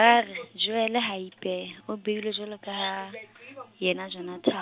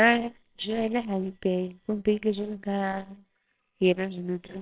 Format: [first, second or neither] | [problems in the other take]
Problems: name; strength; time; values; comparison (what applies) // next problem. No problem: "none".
first | noise reduction (neural separator model SepFormer WHAMR!)